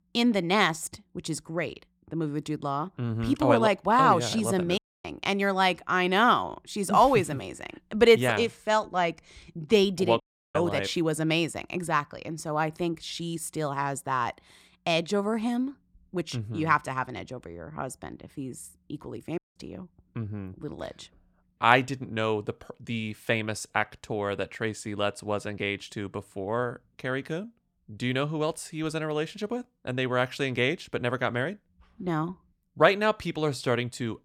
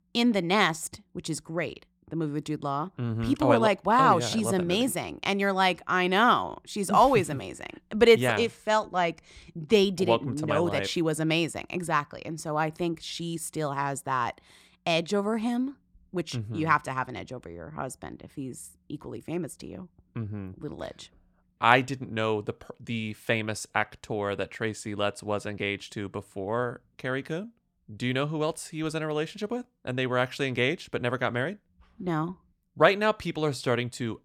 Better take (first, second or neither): second